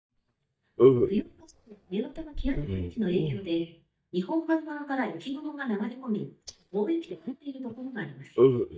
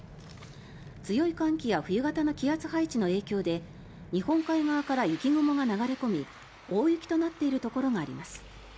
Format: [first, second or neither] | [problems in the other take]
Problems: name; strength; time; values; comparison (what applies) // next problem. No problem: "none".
second | noise reduction (neural mask model DeepFilterNet 3)